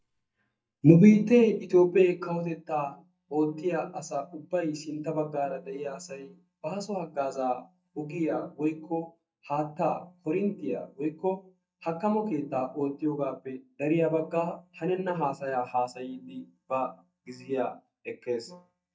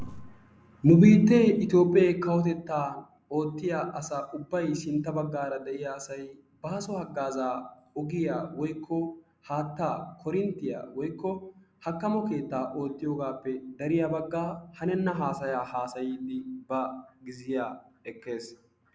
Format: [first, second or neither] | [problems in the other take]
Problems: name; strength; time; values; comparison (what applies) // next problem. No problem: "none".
second | noise reduction (neural mask model DeepFilterNet 3)